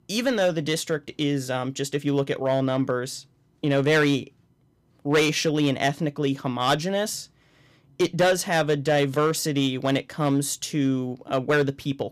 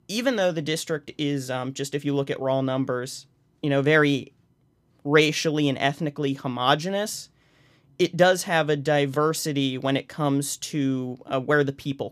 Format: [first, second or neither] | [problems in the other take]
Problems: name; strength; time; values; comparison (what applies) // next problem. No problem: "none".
second | distortion; slight; 4% of the sound clipped